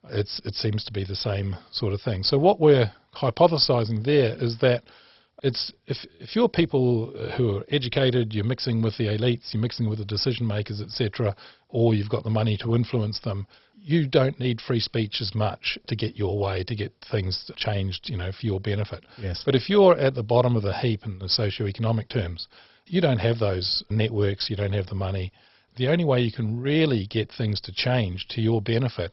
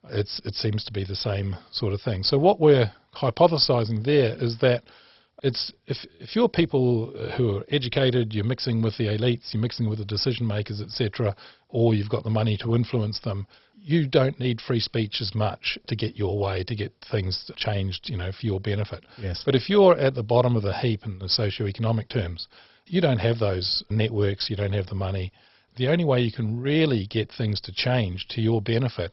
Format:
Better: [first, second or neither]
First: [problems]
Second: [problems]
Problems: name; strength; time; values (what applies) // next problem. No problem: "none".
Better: neither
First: garbled, watery; badly; nothing above 5.5 kHz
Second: garbled, watery; badly; nothing above 5.5 kHz